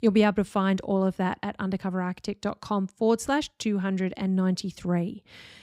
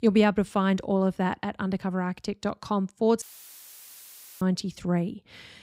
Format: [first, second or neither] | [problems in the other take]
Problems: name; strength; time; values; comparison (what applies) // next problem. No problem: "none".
first | audio cutting out; filled with static; at 3 s for 1 s